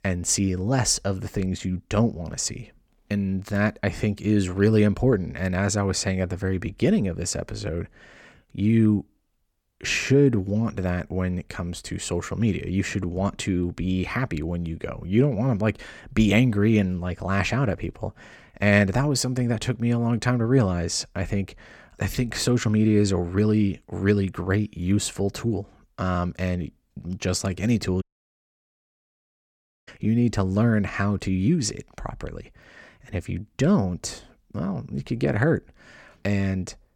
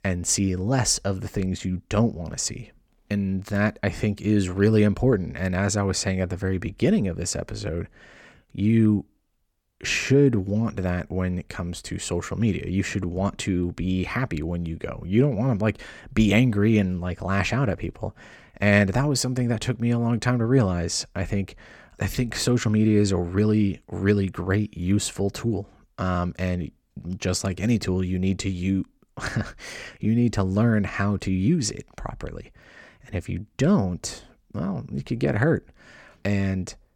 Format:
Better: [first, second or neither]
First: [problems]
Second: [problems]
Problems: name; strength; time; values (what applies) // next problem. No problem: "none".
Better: second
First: audio cutting out; at 28 s for 2 s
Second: none